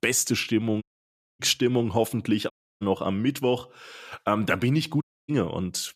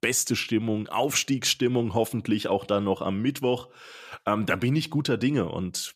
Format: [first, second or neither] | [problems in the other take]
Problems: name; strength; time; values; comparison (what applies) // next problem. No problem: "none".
second | audio cutting out; at 1 s for 0.5 s, at 2.5 s and at 5 s